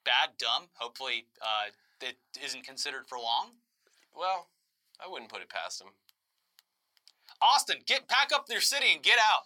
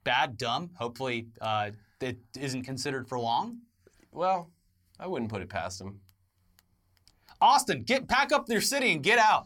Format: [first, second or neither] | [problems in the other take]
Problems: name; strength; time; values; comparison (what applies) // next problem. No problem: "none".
second | thin; very; fading below 750 Hz